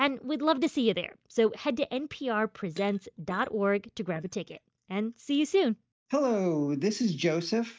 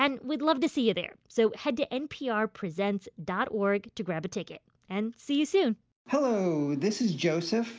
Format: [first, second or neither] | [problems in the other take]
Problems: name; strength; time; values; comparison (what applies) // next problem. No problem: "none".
second | noise reduction (neural mask model DeepFilterNet 3)